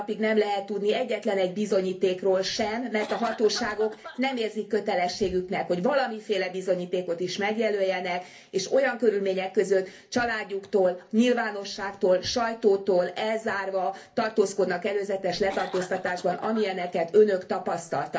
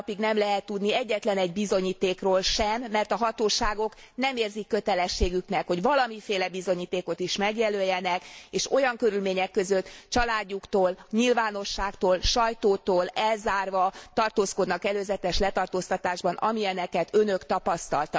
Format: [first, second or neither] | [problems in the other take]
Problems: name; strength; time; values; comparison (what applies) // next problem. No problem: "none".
second | background sound (Cough); 14 dB below the speech // room echo; dies away in 0.3 s